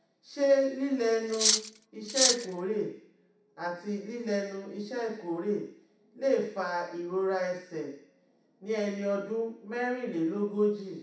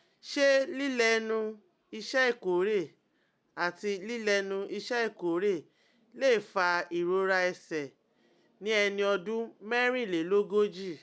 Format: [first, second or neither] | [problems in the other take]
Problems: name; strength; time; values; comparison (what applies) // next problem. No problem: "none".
second | background sound (Cutlery, silverware); 3 dB above the speech // room echo; dies away in 0.7 s